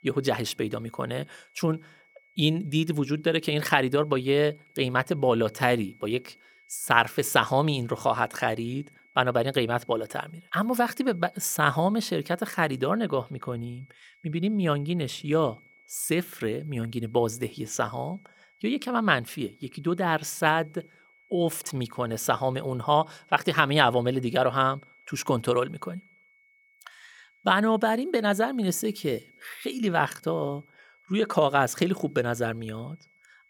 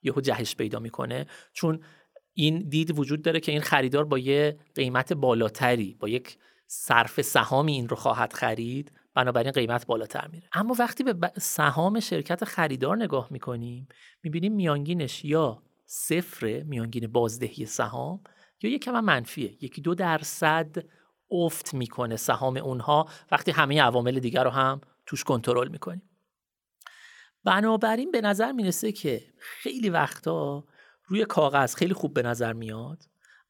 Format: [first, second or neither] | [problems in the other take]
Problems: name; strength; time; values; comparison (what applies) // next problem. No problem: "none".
second | high-pitched whine; faint; throughout; 2 kHz, 30 dB below the speech